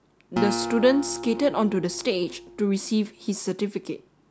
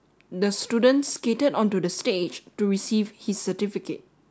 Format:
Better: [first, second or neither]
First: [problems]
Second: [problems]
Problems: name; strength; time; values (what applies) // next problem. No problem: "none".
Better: second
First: background sound (Acoustic guitar); 9 dB below the speech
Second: none